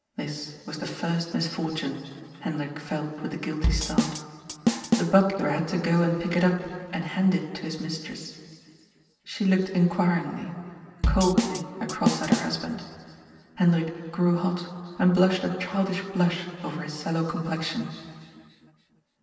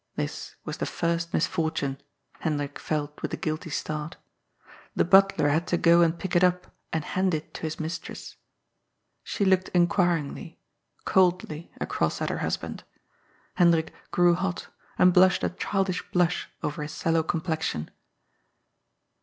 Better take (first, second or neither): second